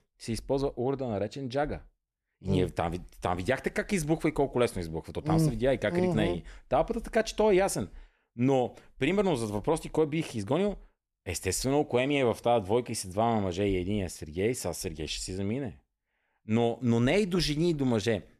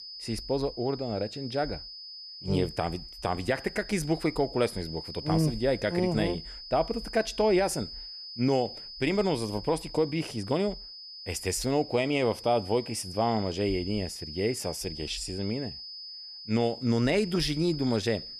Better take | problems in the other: first | high-pitched whine; noticeable; throughout; 5 kHz, 10 dB below the speech

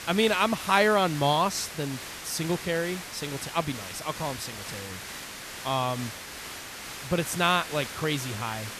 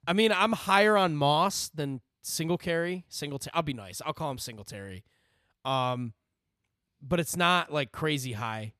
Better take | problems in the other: second | hiss; loud; throughout; 10 dB below the speech

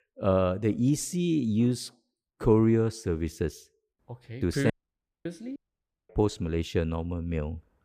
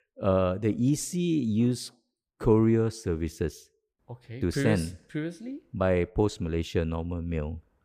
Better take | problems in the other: second | audio cutting out; at 4.5 s for 0.5 s and at 5.5 s for 0.5 s

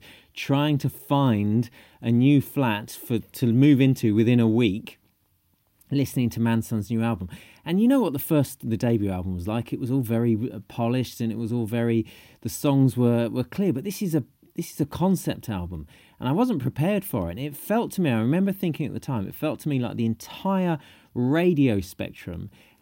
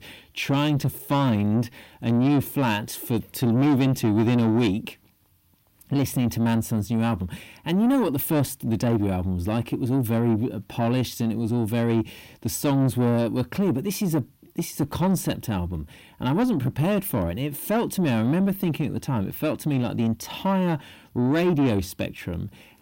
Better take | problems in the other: first | distortion; slight; 10 dB below the speech

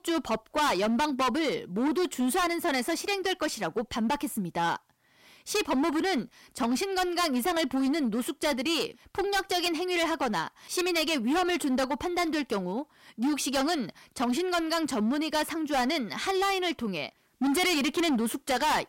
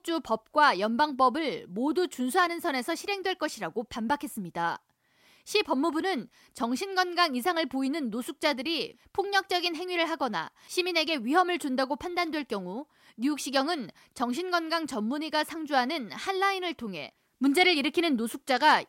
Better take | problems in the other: second | distortion; heavy; 17% of the sound clipped

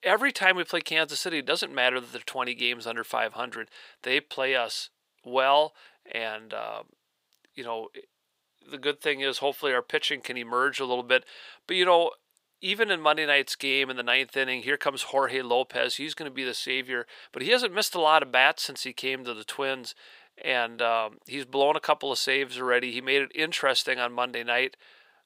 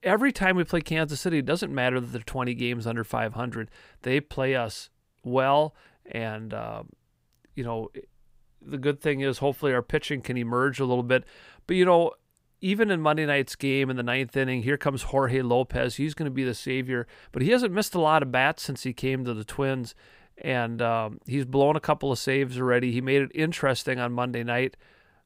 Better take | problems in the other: second | thin; somewhat; fading below 500 Hz

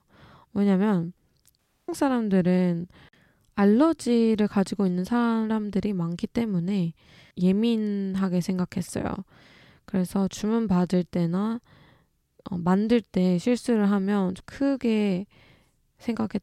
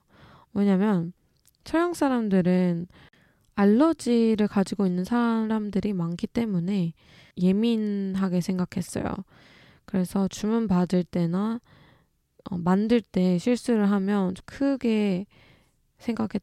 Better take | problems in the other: second | audio cutting out; at 1.5 s

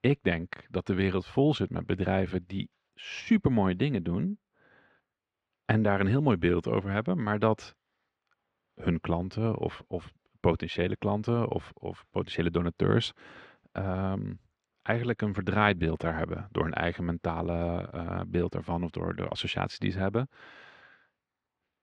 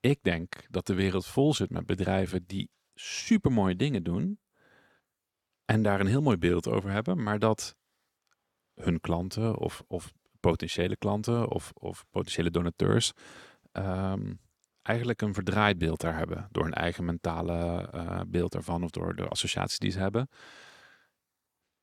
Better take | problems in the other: second | muffled; slightly; fading above 2.5 kHz

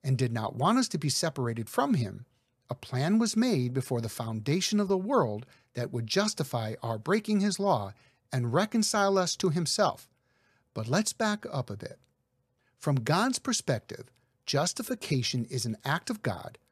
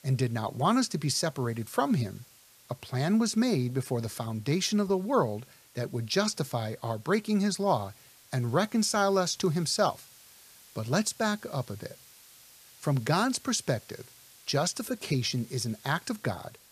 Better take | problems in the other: first | hiss; faint; throughout; 25 dB below the speech

